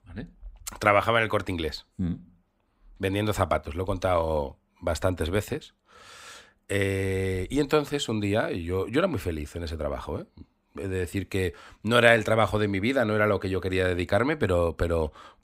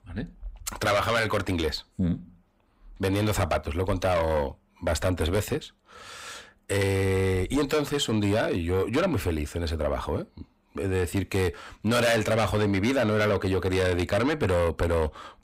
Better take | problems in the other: first | distortion; heavy; 6 dB below the speech

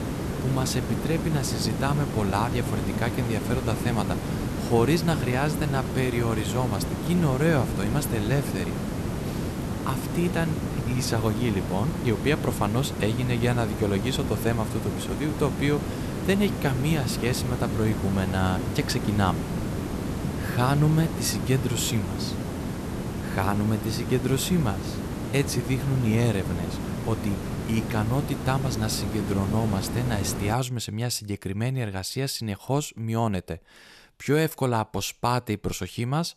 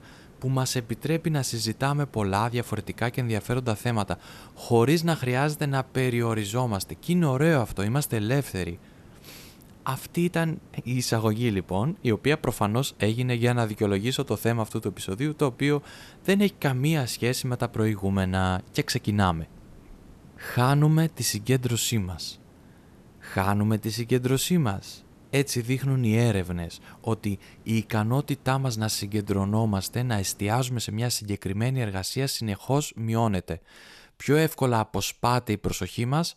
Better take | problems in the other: second | hiss; loud; until 31 s; 3 dB below the speech; faint in the second

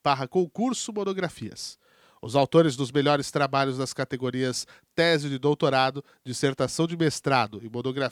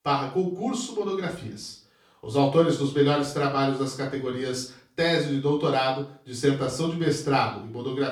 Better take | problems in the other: first | off-mic speech; far // room echo; slight; dies away in 0.4 s

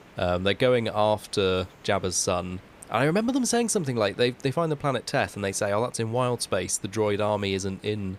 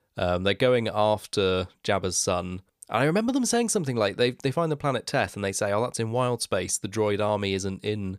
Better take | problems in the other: second | hiss; faint; throughout; 25 dB below the speech

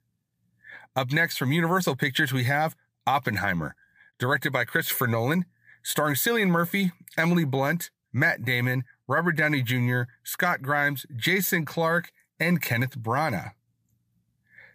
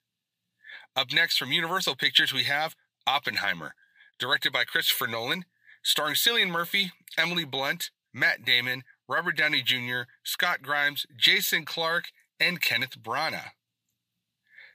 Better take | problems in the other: first | thin; somewhat; fading below 550 Hz

